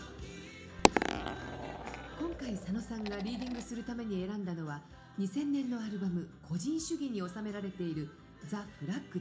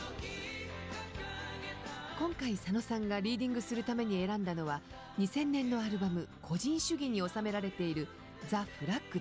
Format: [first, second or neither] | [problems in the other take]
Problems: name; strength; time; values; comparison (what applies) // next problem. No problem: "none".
second | background sound (Coin (dropping)); 2 dB above the speech // room echo; dies away in 0.4 s